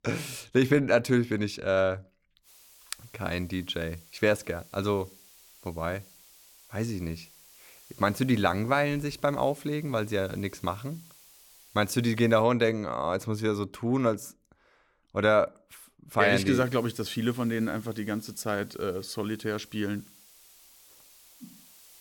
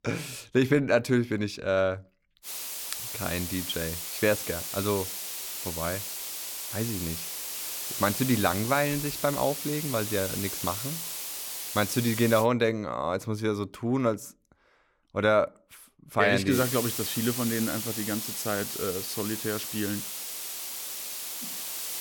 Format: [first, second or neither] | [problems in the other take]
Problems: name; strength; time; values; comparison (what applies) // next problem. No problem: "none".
first | hiss; loud; from 2.5 to 12 s and from 17 s on; 4 dB below the speech; faint in the first